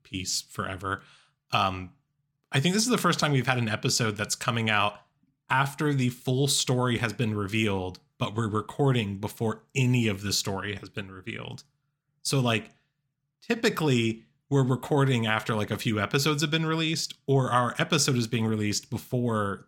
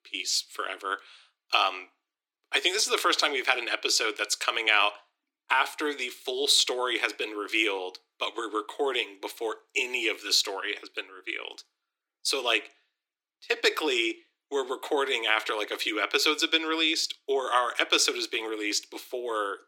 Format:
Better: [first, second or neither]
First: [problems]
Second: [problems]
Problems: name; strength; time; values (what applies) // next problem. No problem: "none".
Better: first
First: none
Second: thin; very; fading below 300 Hz